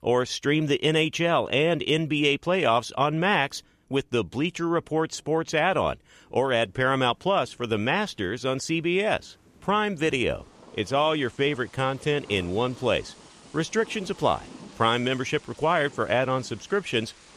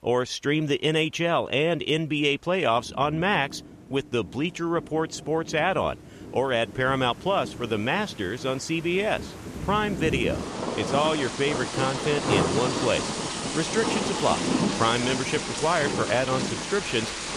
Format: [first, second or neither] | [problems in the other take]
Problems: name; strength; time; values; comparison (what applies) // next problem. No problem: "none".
first | rain or running water; loud; throughout; 3 dB below the speech; faint in the first